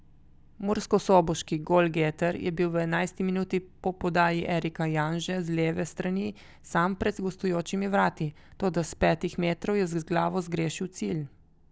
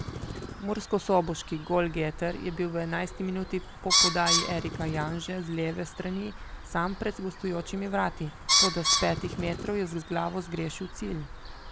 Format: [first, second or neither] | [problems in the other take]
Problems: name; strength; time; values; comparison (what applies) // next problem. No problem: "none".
first | background sound (Bird); 2 dB below the speech